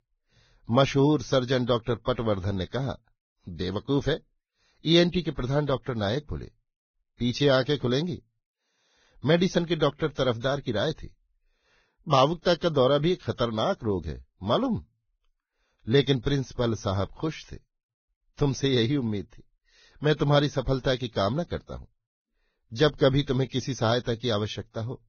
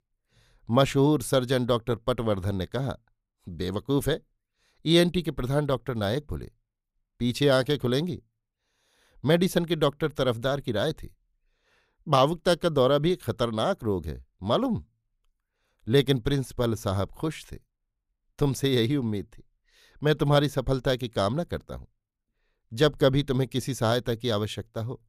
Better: second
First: garbled, watery; badly; nothing above 6.5 kHz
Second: none

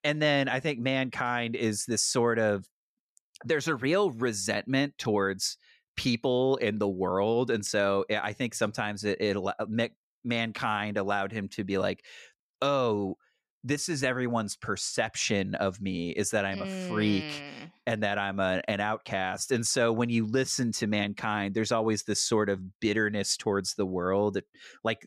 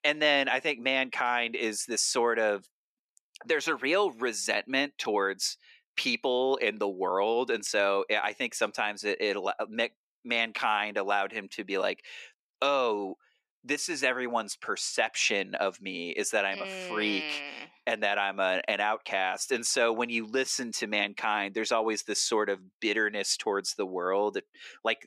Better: first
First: none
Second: thin; somewhat; fading below 300 Hz

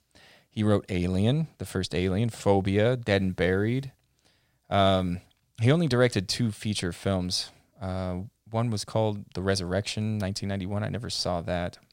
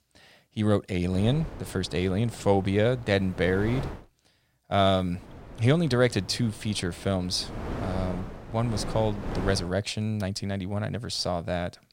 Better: first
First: none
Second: wind noise on the microphone; occasional gusts; from 1 to 4 s and from 5 to 9.5 s; 15 dB below the speech

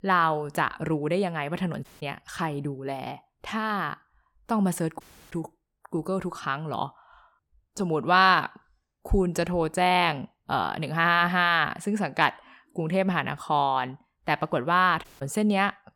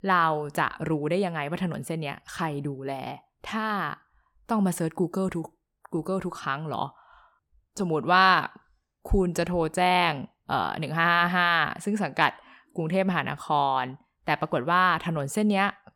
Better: second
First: audio cutting out; at 2 s, at 5 s and at 15 s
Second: none

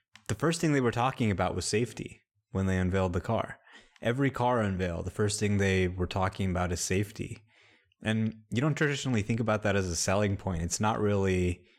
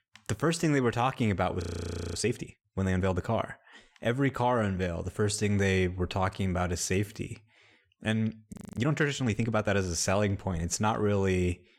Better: first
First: none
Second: audio freezing; at 1.5 s for 0.5 s and at 8.5 s

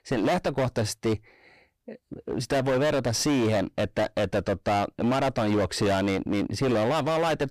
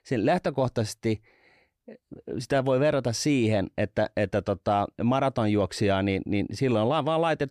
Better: second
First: distortion; heavy; 23% of the sound clipped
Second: none

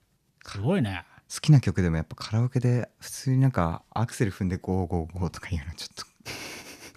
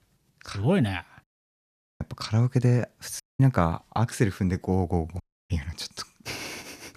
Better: first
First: none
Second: audio cutting out; at 1 s for 1 s, at 3 s and at 5 s

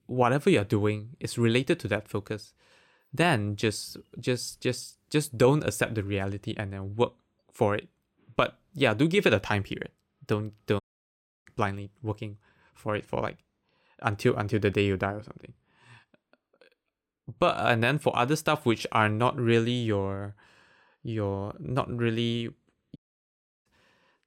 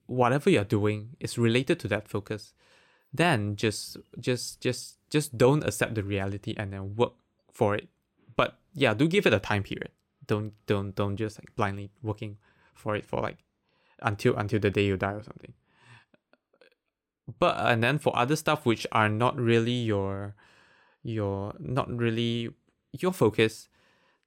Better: second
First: audio cutting out; at 11 s for 0.5 s and at 23 s for 0.5 s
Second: none

